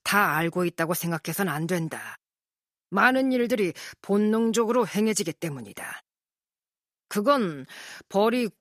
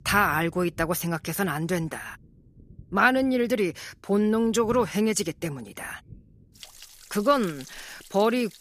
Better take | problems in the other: first | rain or running water; faint; throughout; 25 dB below the speech

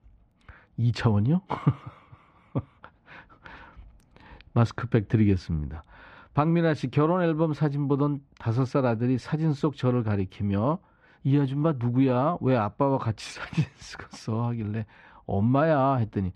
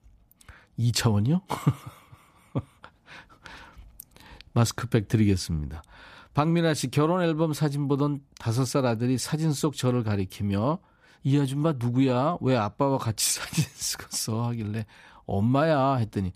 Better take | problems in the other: second | muffled; slightly; fading above 2.5 kHz

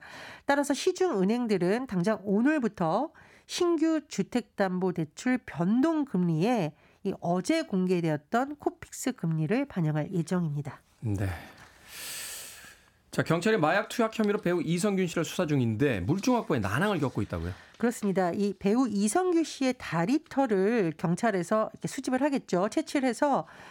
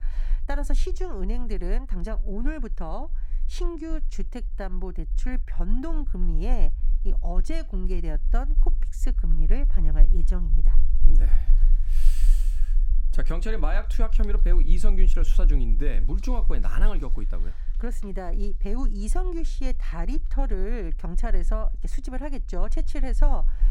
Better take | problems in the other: first | low rumble; noticeable; throughout; 20 dB below the speech

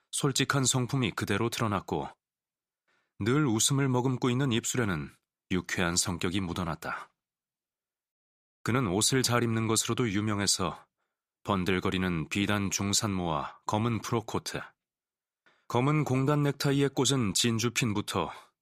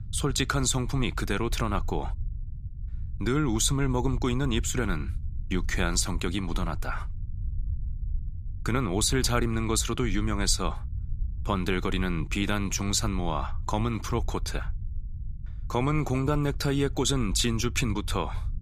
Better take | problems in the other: first | low rumble; faint; throughout; 25 dB below the speech

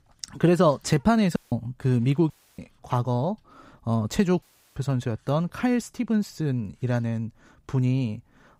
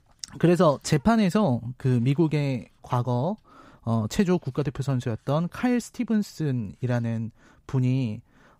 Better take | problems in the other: second | audio cutting out; at 1.5 s, at 2.5 s and at 4.5 s

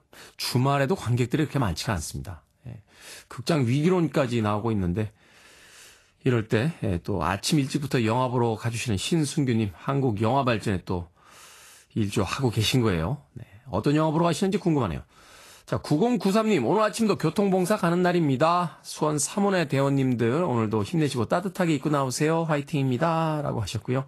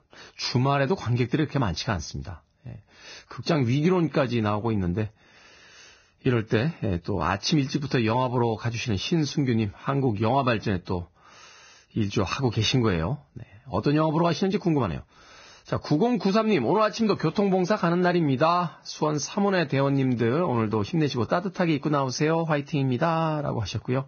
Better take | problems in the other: first | garbled, watery; badly; nothing above 6.5 kHz; slightly in the first

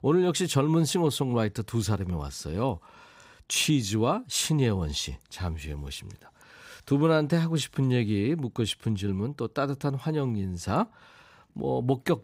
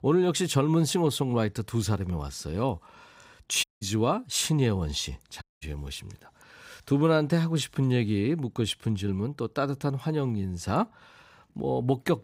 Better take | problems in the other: first | audio cutting out; at 3.5 s and at 5.5 s

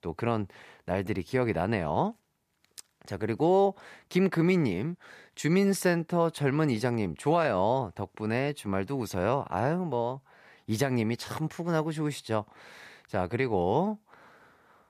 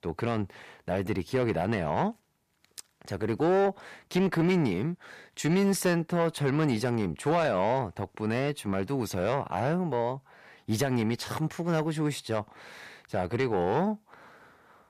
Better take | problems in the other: first | distortion; slight; 10 dB below the speech

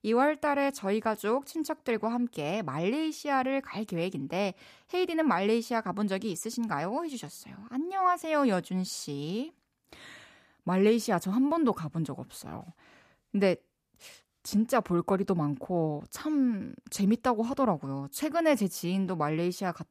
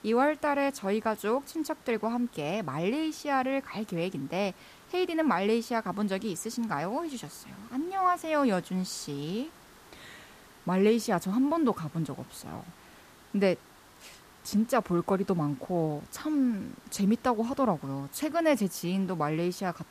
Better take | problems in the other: first | hiss; faint; throughout; 25 dB below the speech

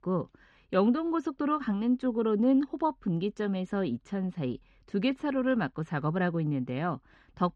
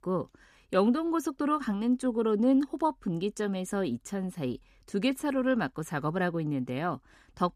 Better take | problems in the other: second | muffled; very slightly; fading above 4 kHz

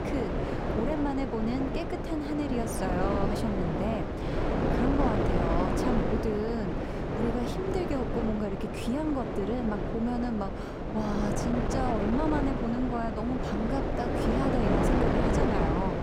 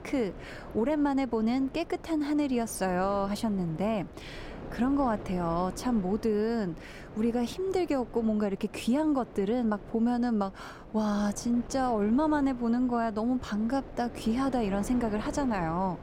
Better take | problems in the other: second | wind noise on the microphone; heavy; 2 dB above the speech; occasional gusts in the second

